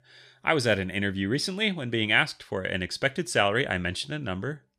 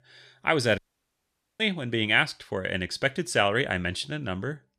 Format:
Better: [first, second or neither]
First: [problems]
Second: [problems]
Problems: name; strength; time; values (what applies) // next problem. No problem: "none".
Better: first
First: none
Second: audio cutting out; at 1 s for 1 s